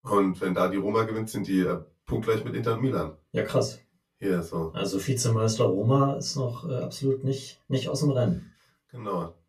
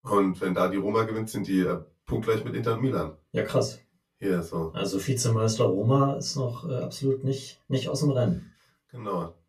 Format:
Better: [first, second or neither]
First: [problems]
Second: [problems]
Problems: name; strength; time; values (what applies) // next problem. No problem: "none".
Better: neither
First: off-mic speech; far // room echo; very slight; dies away in 0.2 s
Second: off-mic speech; far // room echo; very slight; dies away in 0.2 s